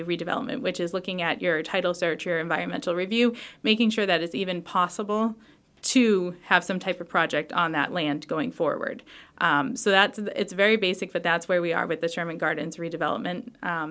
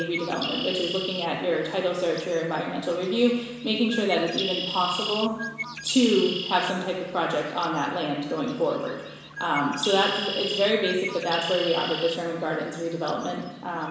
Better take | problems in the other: first | background sound (Bird); 9 dB below the speech // room echo; dies away in 1 s

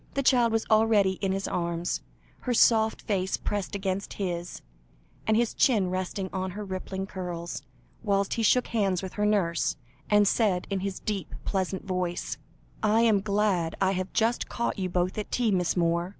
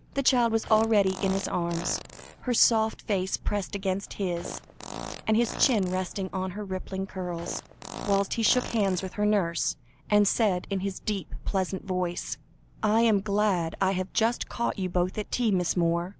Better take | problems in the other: first | background sound (Fart); 13 dB below the speech

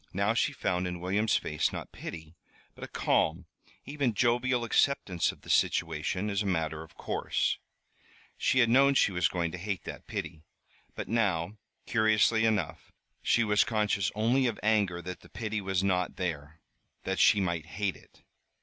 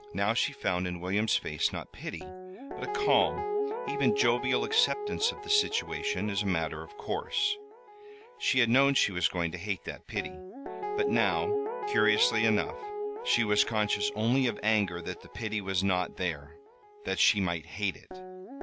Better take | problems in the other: first | background sound (Guitar); 6 dB below the speech

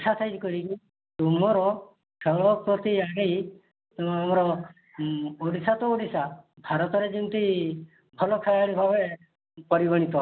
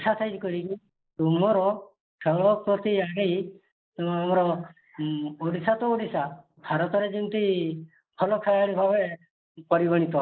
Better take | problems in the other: first | noise reduction (neural mask model Resemble Enhance denoiser)

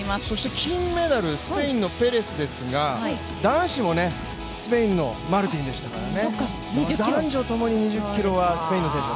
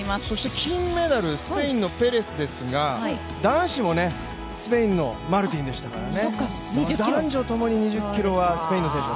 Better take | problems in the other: second | background sound (Guitar); 17 dB below the speech

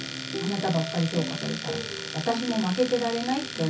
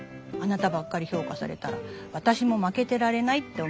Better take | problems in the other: second | background sound (Domestic sounds, home sounds); 8 dB below the speech // room echo; dies away in 0.3 s

